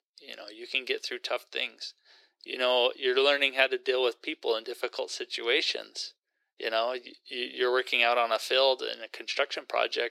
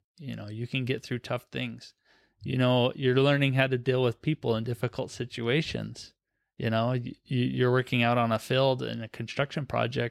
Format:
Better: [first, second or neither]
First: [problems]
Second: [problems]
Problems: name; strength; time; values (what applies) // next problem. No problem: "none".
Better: second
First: thin; very; fading below 350 Hz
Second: none